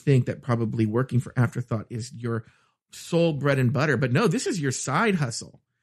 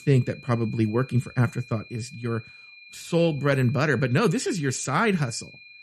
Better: first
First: none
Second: high-pitched whine; faint; throughout; 2.5 kHz, 20 dB below the speech

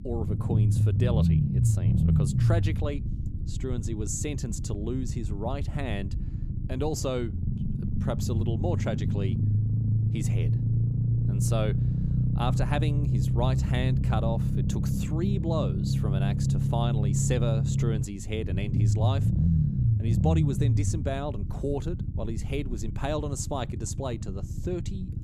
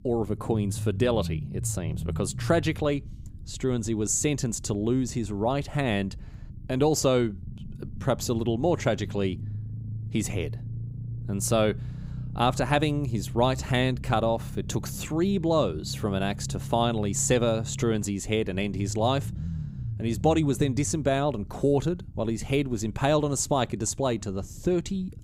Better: second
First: low rumble; loud; throughout; 4 dB below the speech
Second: low rumble; faint; throughout; 20 dB below the speech

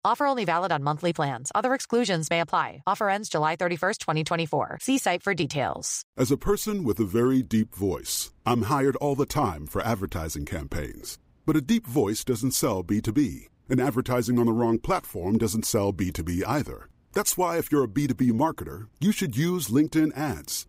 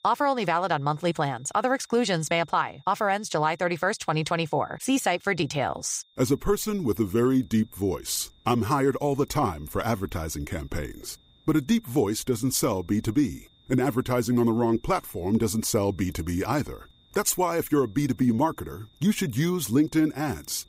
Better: first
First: none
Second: high-pitched whine; faint; throughout; 3.5 kHz, 35 dB below the speech

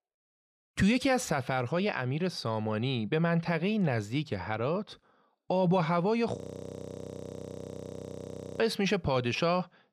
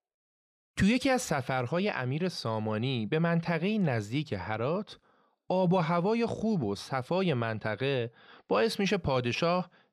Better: second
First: audio freezing; at 6.5 s for 2 s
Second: none

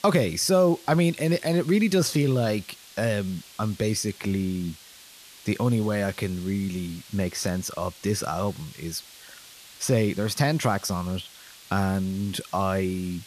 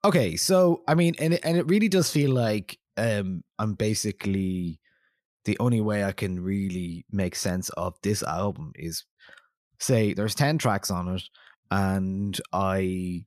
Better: second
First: hiss; noticeable; throughout; 20 dB below the speech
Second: none

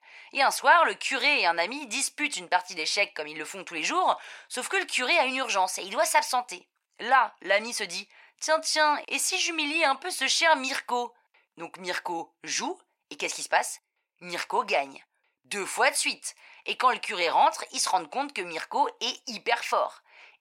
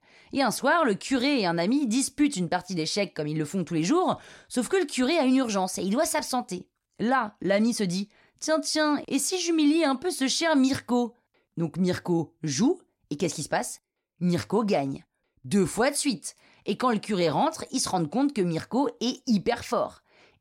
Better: second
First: thin; very; fading below 750 Hz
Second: none

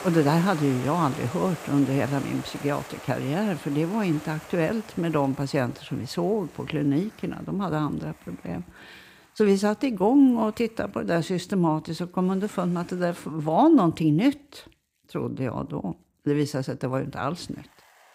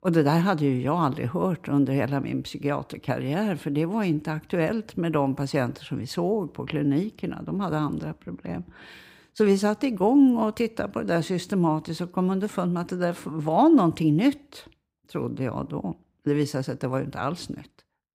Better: second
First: hiss; noticeable; throughout; 15 dB below the speech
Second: none

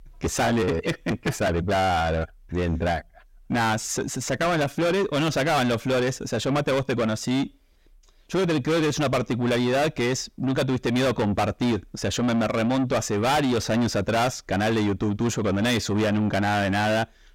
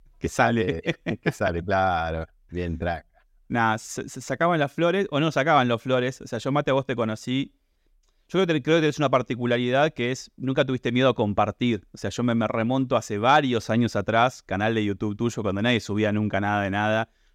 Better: second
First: distortion; heavy; 6 dB below the speech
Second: none

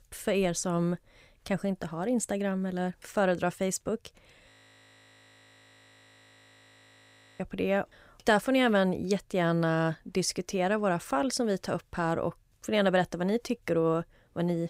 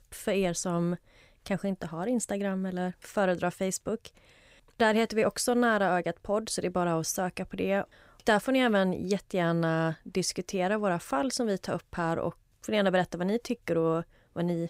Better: second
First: audio freezing; at 4.5 s for 3 s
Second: none

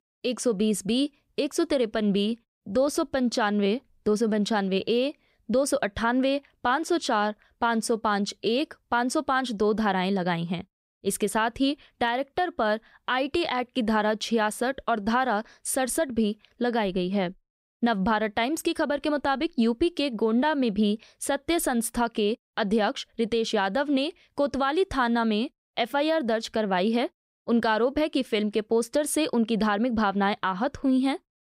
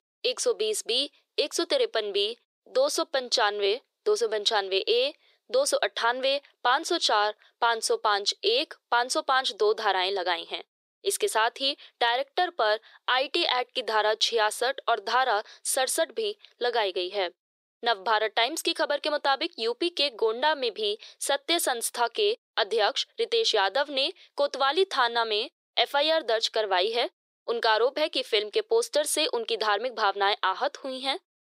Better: first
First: none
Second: thin; very; fading below 400 Hz

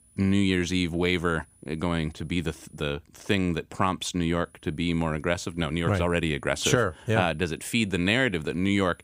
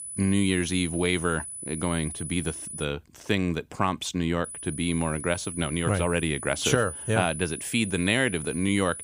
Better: first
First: high-pitched whine; faint; until 3 s and from 4.5 s on; 10 kHz, 30 dB below the speech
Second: high-pitched whine; loud; until 3 s and from 4.5 s on; 10 kHz, 8 dB below the speech

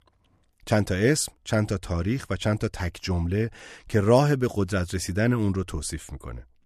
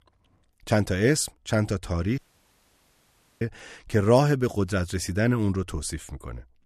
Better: first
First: none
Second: audio cutting out; at 2 s for 1 s

